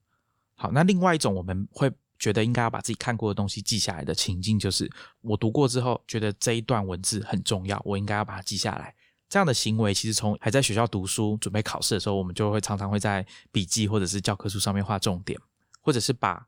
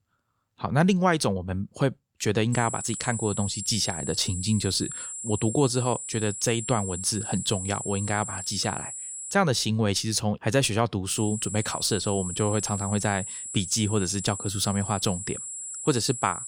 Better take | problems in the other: first | high-pitched whine; loud; from 2.5 to 9.5 s and from 11 s on; 7.5 kHz, 7 dB below the speech

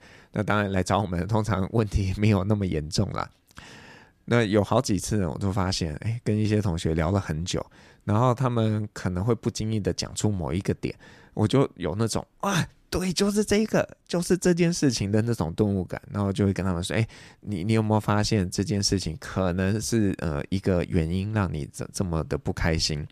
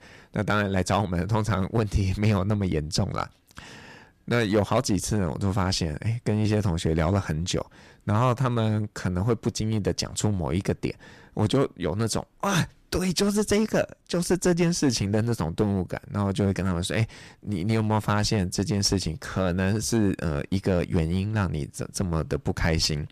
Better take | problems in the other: first | distortion; slight; 5% of the sound clipped

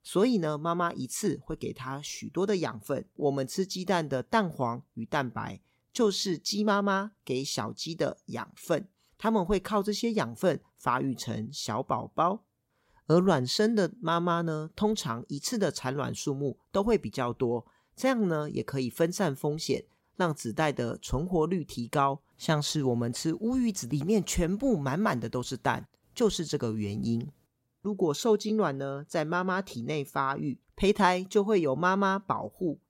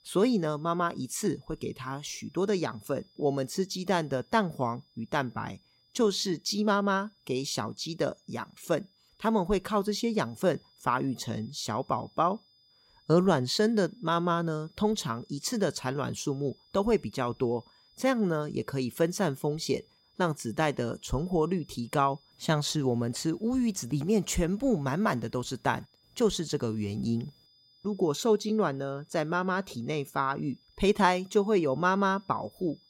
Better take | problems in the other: first | high-pitched whine; faint; throughout; 5 kHz, 30 dB below the speech

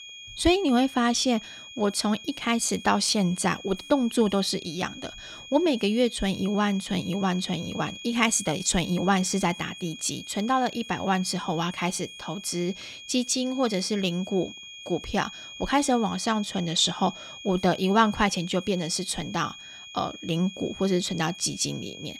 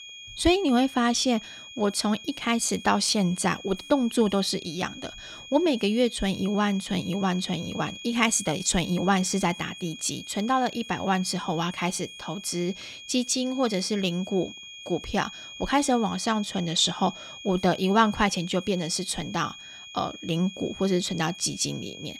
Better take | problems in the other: neither | high-pitched whine; noticeable; throughout; 3.5 kHz, 15 dB below the speech; the same in both

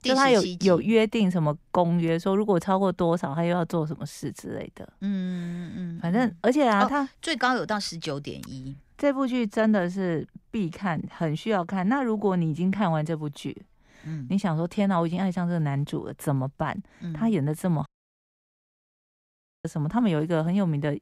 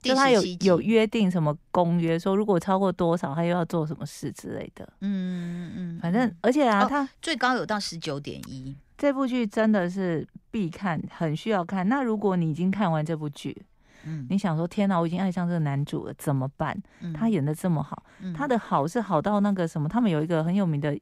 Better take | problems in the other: second | audio cutting out; at 18 s for 2 s

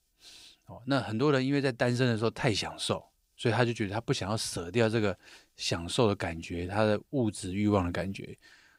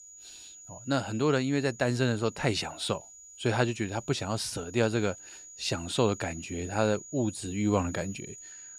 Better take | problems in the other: first | high-pitched whine; noticeable; throughout; 7 kHz, 15 dB below the speech

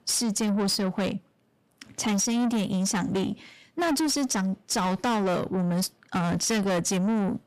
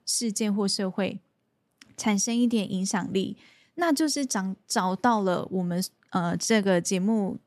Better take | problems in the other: second | distortion; heavy; 8 dB below the speech

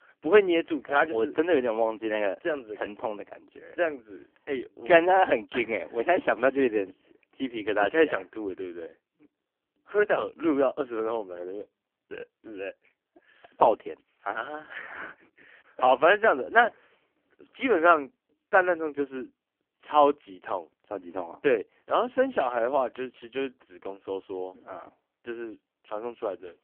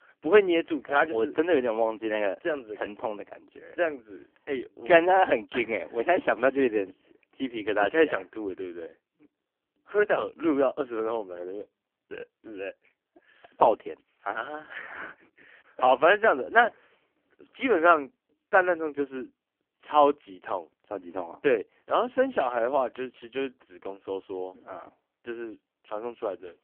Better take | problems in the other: neither | phone-call audio; poor line; nothing above 3 kHz; the same in both

